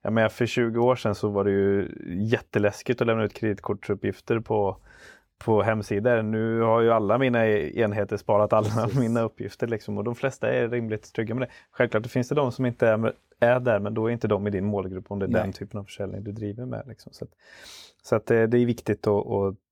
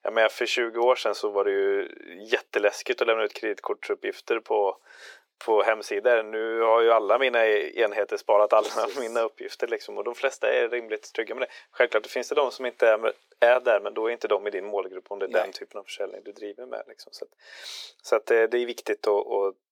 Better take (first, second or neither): first